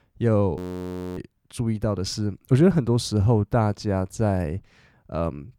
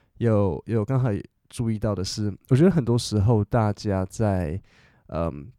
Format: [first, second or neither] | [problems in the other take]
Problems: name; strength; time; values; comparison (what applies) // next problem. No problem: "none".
second | audio freezing; at 0.5 s for 0.5 s